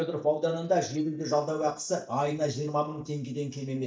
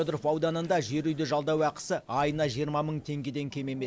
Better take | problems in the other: second | noise reduction (neural mask model DeepFilterNet 3)

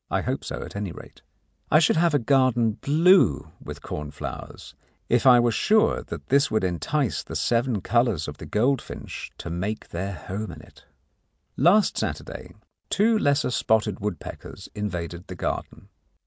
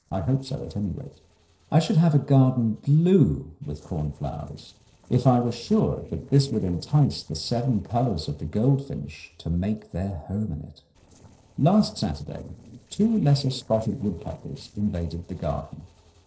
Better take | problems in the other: first | noise reduction (neural separator model SepFormer DNS4)

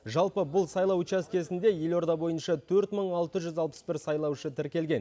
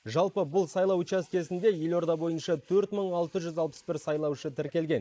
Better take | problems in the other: first | noise reduction (neural mask model Resemble Enhance denoiser)

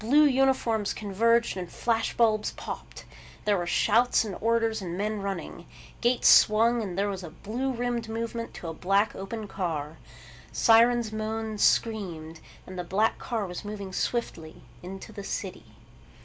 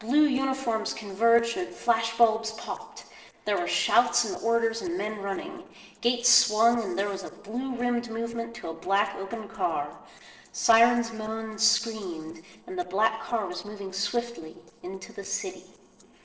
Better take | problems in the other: first | noise reduction (neural separator model SepFormer DNS4)

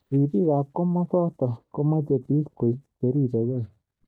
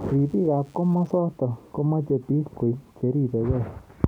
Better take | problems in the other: second | noise reduction (neural mask model DeepFilterNet 3)

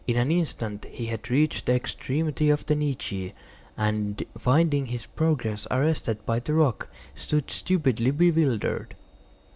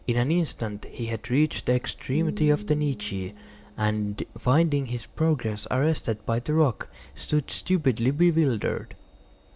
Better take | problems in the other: first | background sound (Piano); 15 dB below the speech

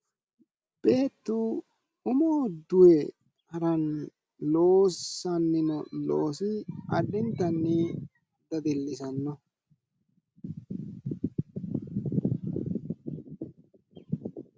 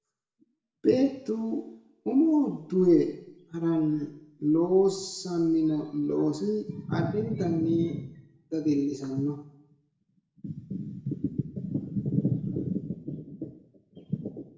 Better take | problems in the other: first | room echo; dies away in 0.7 s

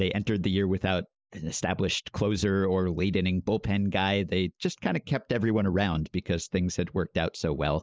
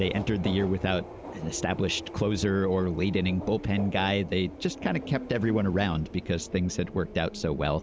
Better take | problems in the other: first | background sound (Subway, metro, underground); 13 dB below the speech

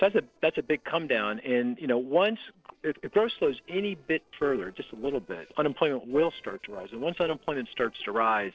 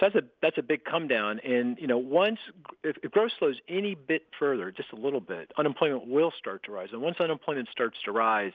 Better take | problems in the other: second | noise reduction (neural separator model SepFormer DNS4)

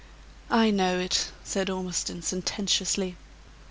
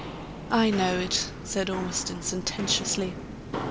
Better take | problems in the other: first | background sound (Walk, footsteps); 8 dB below the speech

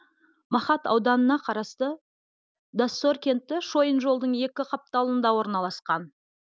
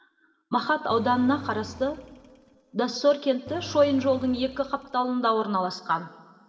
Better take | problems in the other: first | background sound (Engine); 17 dB below the speech // room echo; dies away in 2.5 s

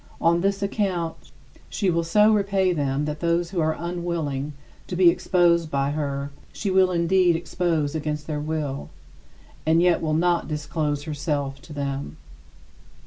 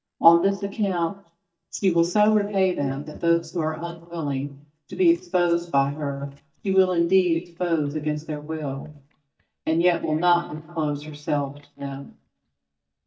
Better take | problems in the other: first | noise reduction (neural mask model DeepFilterNet 3)

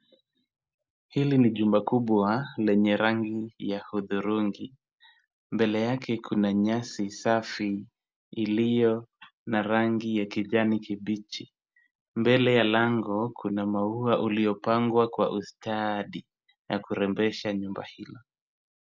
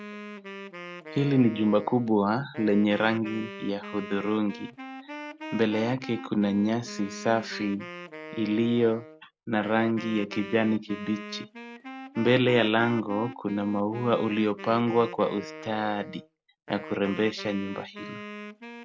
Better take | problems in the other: first | background sound (Wind instrument, woodwind instrument); 14 dB below the speech

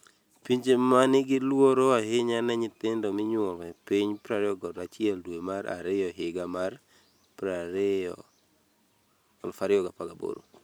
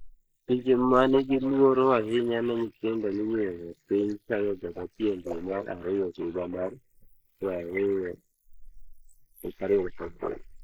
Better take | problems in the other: first | noise reduction (neural mask model Resemble Enhance denoiser)

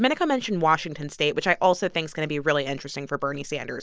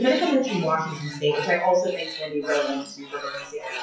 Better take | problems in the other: first | noise reduction (classical method WPE with log-MMSE)

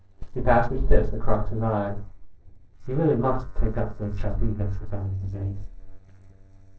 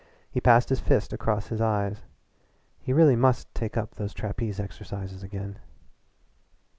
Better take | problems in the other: second | noise reduction (neural separator model SepFormer DNS4)

